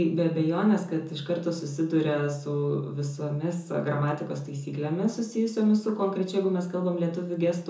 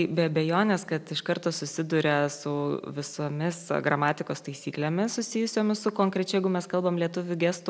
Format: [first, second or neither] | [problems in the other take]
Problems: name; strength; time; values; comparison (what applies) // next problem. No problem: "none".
second | room echo; dies away in 0.6 s